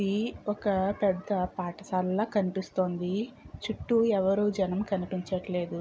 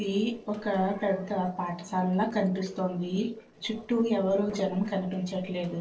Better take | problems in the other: first | noise reduction (neural separator model SepFormer DNS4)

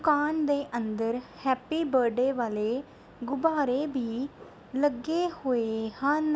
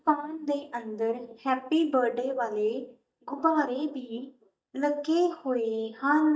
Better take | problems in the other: first | noise reduction (neural mask model DeepFilterNet 3)

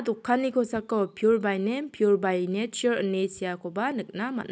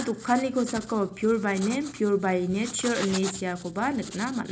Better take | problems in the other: first | background sound (Writing); 14 dB below the speech // room echo; dies away in 0.4 s

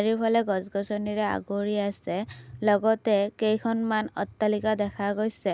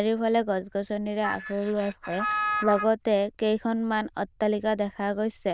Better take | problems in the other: first | noise reduction (neural diffusion model UNIVERSE++)

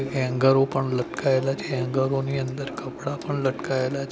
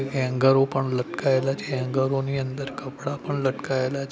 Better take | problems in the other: second | background sound (Drip / Sink (filling or washing) / Water tap, faucet + Vehicle horn, car horn, honking); 14 dB below the speech

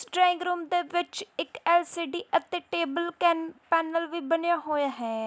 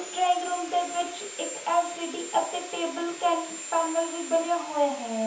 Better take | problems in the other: first | background sound (Sawing); 11 dB below the speech // room echo; dies away in 0.7 s

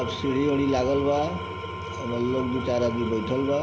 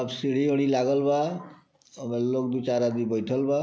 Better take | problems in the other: second | background sound (Engine / Tools); 7 dB below the speech

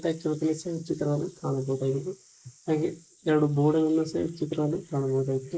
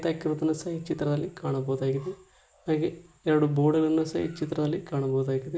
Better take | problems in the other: second | noise reduction (neural mask model Resemble Enhance denoiser)

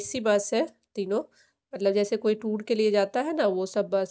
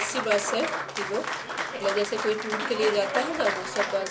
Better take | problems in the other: first | background sound (Applause); 3 dB below the speech // room echo; dies away in 0.2 s

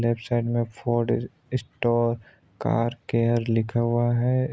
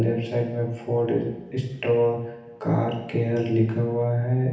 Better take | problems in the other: first | room echo; dies away in 0.9 s

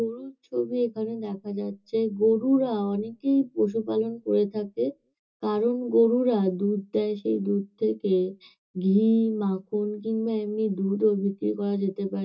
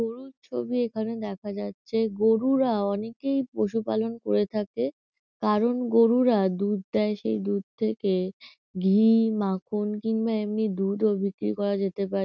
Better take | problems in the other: second | room echo; dies away in 0.2 s

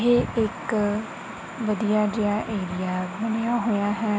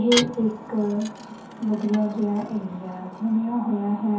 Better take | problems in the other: first | background sound (Dishes, pots, and pans / Glass); 11 dB below the speech // room echo; dies away in 0.5 s

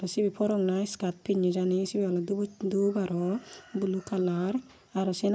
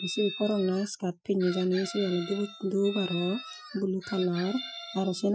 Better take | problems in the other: first | noise reduction (classical method Wiener filter)

